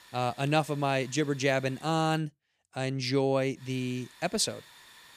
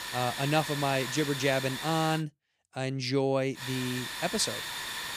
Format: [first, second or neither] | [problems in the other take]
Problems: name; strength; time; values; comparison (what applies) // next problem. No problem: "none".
first | hiss; loud; until 2 s and from 3.5 s on; 5 dB below the speech; faint in the first